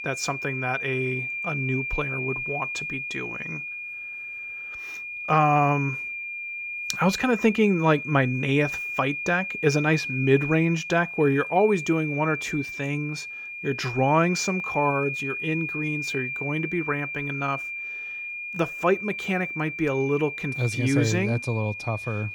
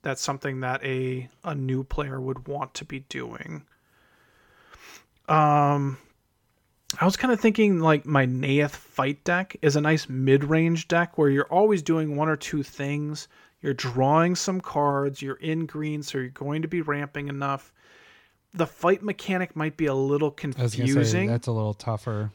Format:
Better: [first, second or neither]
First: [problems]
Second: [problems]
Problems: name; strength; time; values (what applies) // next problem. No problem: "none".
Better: second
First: high-pitched whine; loud; throughout; 2.5 kHz, 5 dB below the speech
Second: none